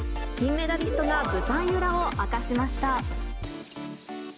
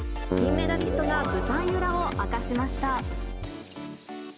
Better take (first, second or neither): first